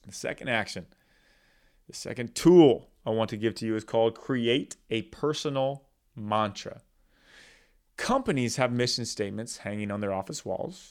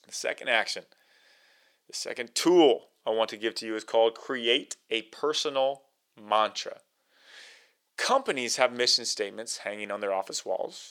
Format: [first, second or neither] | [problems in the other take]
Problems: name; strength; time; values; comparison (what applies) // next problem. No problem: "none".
first | thin; somewhat; fading below 500 Hz